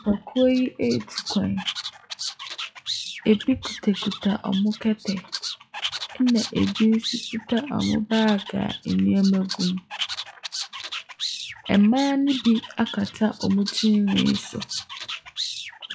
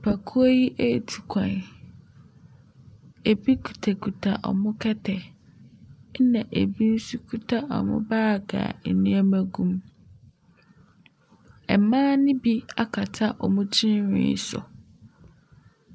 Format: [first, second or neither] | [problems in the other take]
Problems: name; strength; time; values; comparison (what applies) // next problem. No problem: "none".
second | noise reduction (classical method WPE with log-MMSE)